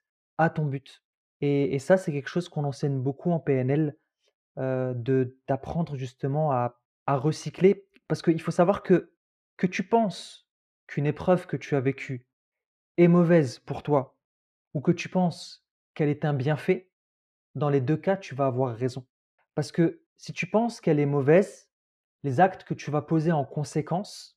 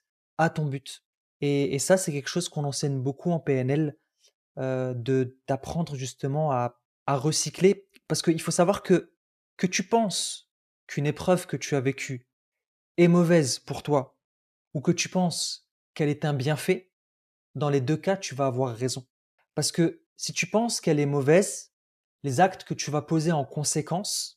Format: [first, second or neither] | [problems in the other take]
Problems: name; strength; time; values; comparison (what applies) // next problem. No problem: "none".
second | muffled; slightly; fading above 4 kHz